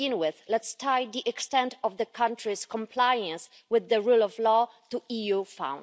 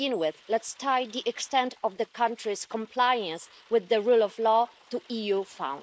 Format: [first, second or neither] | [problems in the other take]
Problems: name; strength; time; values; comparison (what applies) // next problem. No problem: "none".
first | noise reduction (neural mask model Resemble Enhance denoiser)